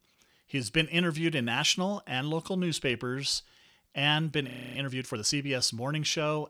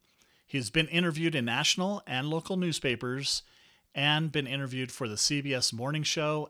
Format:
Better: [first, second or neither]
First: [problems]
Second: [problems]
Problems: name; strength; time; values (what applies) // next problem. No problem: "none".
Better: second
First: audio freezing; at 4.5 s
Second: none